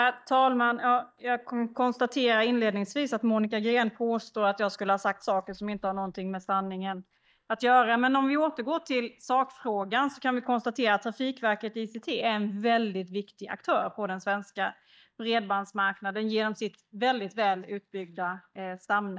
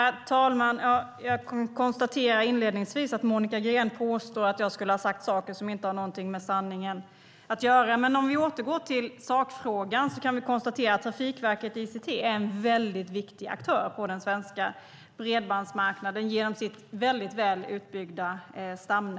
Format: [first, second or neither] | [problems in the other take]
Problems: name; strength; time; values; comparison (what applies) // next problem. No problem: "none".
second | noise reduction (neural mask model DeepFilterNet 3)